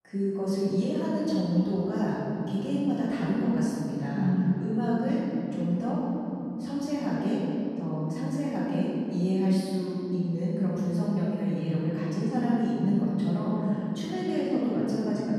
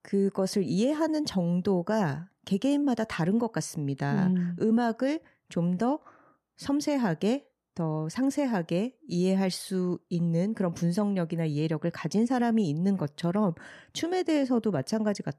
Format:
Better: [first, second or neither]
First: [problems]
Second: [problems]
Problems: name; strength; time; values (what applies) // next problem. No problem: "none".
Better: second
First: off-mic speech; far // room echo; strong; dies away in 3 s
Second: none